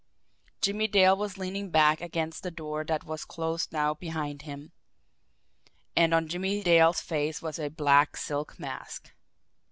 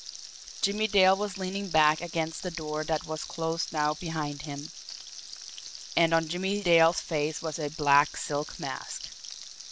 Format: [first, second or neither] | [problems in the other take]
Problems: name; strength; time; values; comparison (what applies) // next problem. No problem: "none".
first | background sound (Frying (food)); 13 dB below the speech